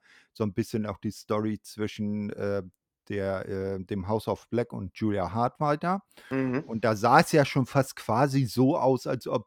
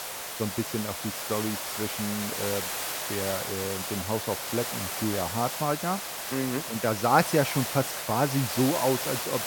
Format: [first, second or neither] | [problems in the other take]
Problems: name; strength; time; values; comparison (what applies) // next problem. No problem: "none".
first | hiss; loud; throughout; 2 dB below the speech